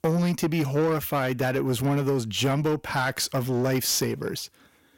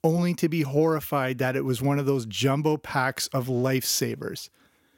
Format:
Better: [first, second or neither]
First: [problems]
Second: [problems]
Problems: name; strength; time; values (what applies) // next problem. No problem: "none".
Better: second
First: distortion; slight; 10 dB below the speech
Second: none